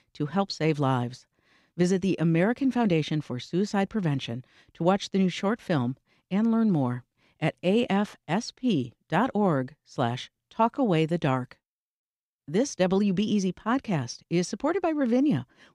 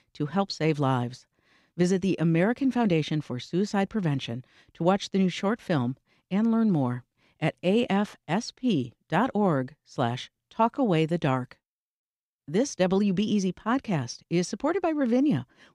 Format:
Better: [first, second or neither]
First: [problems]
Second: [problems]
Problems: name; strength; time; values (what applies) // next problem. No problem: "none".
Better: neither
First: none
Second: none